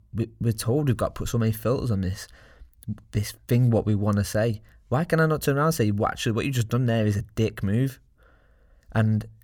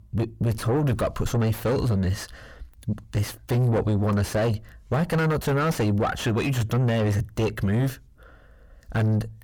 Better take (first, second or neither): first